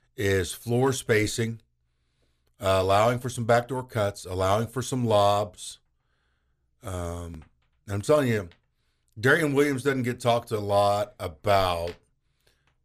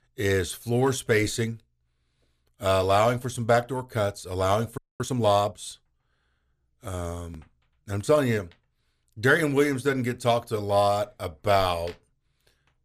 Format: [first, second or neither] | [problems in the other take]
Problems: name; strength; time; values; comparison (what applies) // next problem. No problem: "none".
first | audio freezing; at 5 s